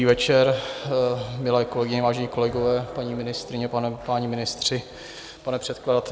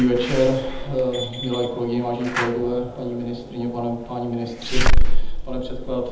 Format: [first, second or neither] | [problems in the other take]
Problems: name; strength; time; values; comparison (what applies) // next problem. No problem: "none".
first | background sound (Slam / Alarm); 5 dB above the speech // room echo; dies away in 0.8 s